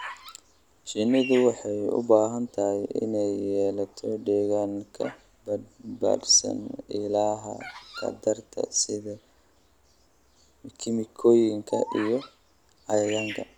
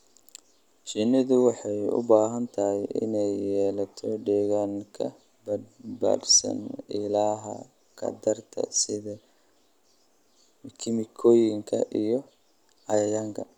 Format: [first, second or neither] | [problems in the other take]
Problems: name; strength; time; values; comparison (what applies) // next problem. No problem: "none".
second | background sound (Bird vocalization, bird call, bird song); 18 dB below the speech